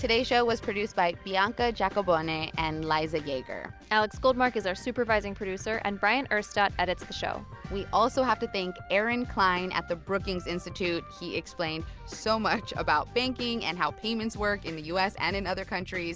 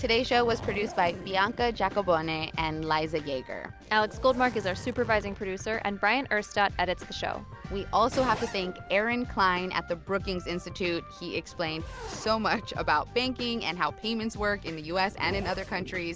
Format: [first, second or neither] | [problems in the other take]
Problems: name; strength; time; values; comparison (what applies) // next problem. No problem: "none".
first | background sound (Zipper (clothing) + Gunshot, gunfire); 16 dB below the speech